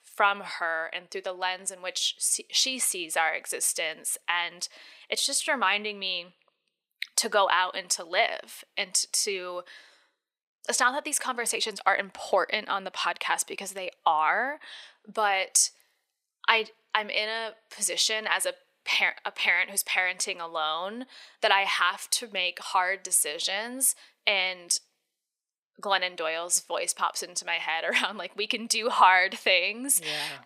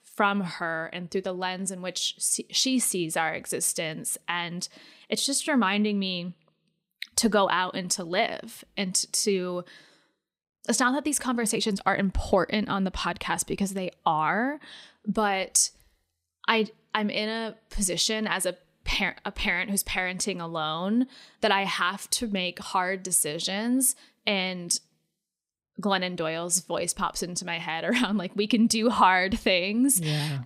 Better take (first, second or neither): second